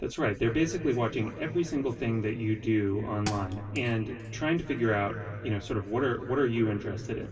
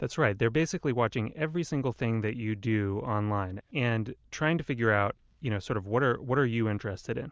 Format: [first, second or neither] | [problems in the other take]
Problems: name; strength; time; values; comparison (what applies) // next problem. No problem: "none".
second | background sound (Thump, thud); 16 dB below the speech // room echo; dies away in 3 s